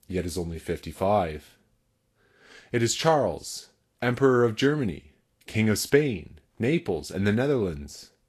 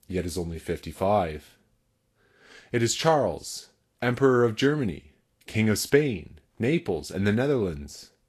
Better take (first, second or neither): neither